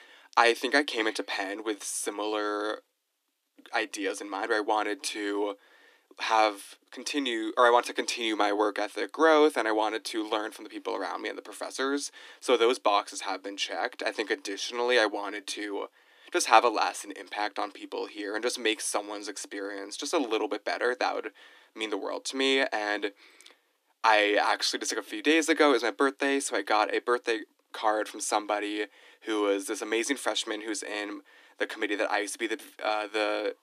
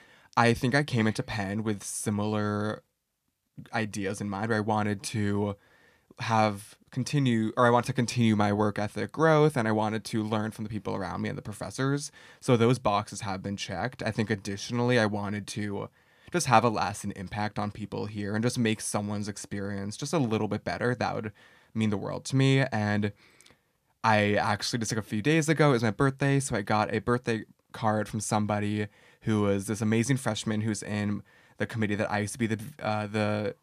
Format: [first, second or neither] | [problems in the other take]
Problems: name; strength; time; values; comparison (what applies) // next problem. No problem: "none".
second | thin; somewhat; fading below 300 Hz